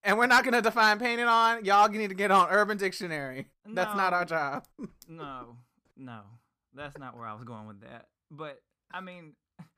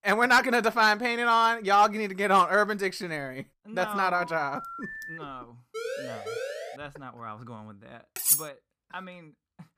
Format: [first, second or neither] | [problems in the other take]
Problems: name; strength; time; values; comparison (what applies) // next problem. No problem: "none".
first | phone ringing; faint; from 4 to 5 s; peak 15 dB below the speech // siren; faint; from 5.5 to 7 s; peak 10 dB below the speech // clattering dishes; loud; at 8 s; peak 1 dB above the speech